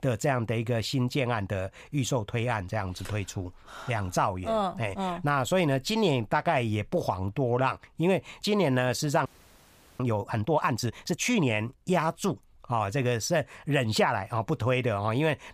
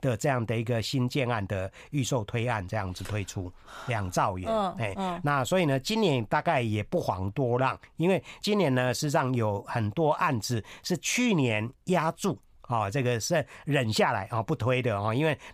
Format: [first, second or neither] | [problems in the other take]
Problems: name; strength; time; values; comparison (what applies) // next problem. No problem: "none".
second | audio freezing; at 9.5 s for 0.5 s